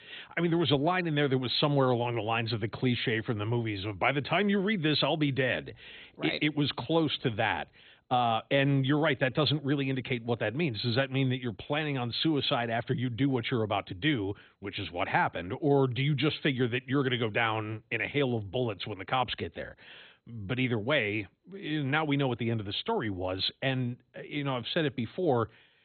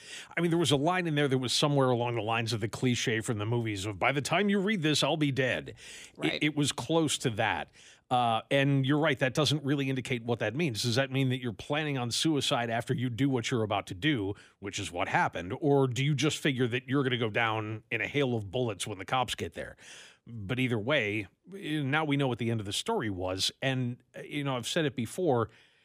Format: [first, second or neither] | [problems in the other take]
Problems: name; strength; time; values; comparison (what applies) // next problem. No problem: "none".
second | garbled, watery; badly; nothing above 4 kHz